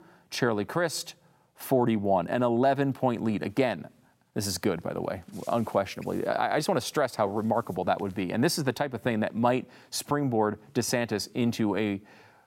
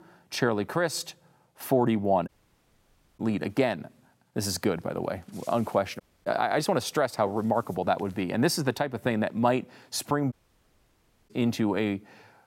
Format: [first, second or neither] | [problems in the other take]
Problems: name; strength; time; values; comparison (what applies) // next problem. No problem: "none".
first | audio cutting out; at 2.5 s for 1 s, at 6 s and at 10 s for 1 s